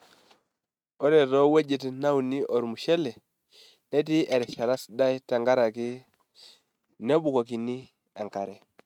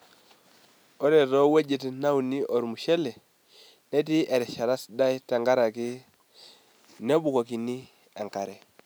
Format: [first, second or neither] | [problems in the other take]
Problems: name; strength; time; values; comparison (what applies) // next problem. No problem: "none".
second | noise reduction (neural mask model RNNoise)